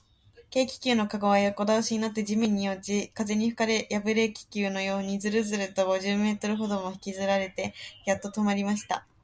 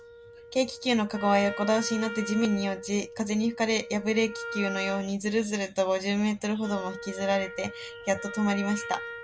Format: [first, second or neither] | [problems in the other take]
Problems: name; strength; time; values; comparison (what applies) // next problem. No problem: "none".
first | background sound (Wind instrument, woodwind instrument); 12 dB below the speech